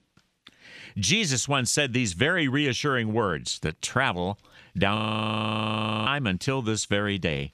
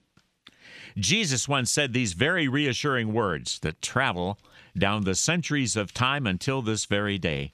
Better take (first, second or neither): second